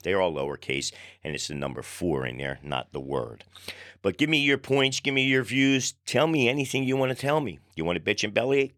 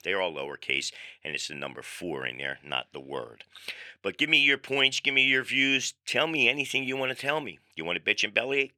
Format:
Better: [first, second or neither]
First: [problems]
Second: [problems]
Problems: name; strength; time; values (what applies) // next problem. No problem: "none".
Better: first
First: none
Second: thin; very slightly; fading below 300 Hz